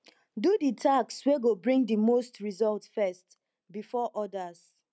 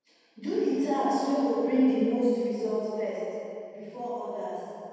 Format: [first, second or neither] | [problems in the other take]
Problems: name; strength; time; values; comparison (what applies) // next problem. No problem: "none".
first | room echo; dies away in 2.1 s